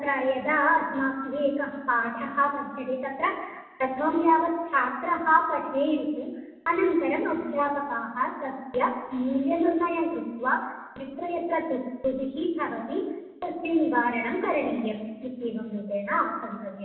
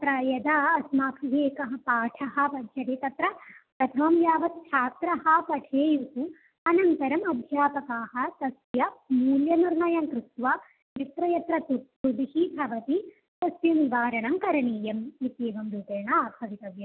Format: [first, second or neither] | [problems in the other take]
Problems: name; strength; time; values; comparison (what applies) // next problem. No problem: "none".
second | room echo; dies away in 1.1 s